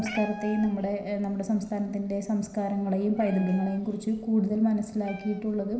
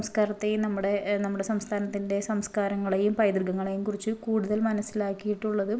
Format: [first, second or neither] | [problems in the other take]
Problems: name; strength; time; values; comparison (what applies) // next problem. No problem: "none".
second | background sound (Meow); 18 dB below the speech // room echo; dies away in 0.9 s